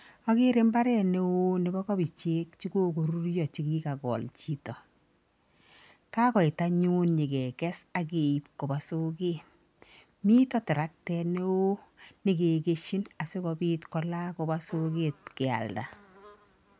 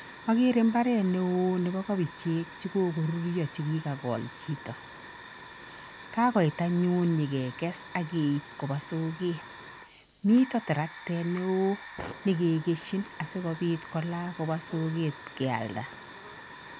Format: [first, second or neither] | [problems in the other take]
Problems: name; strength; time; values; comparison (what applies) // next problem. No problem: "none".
first | background sound (Hiss / Fire); 16 dB below the speech